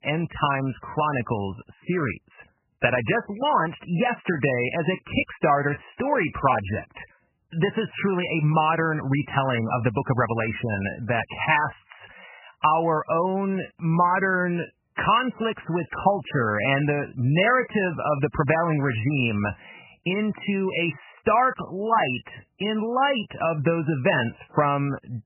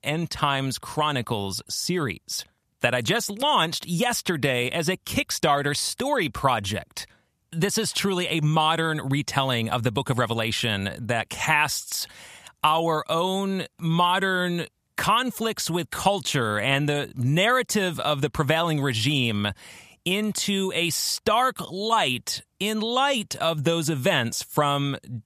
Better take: second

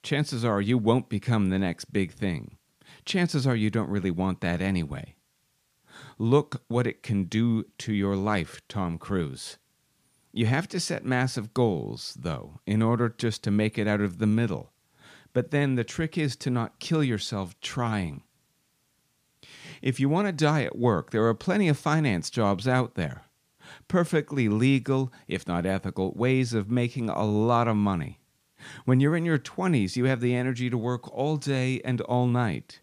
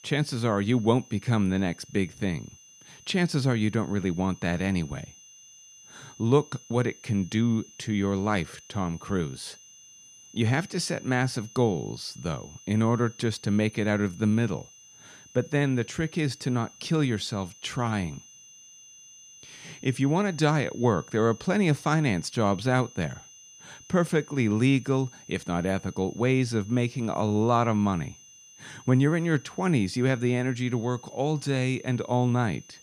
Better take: first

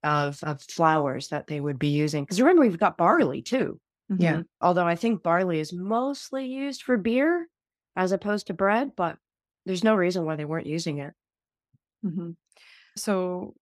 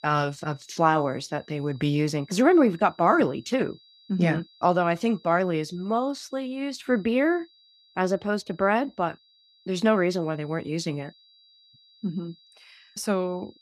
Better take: first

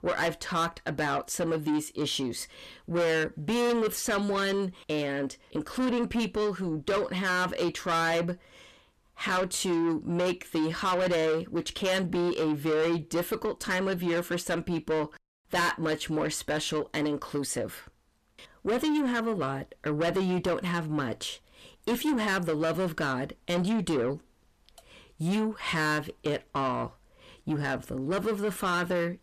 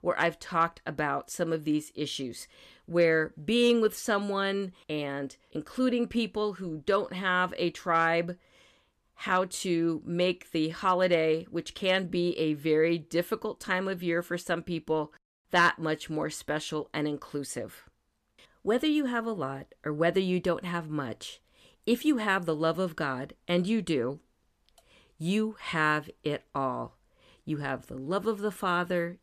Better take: second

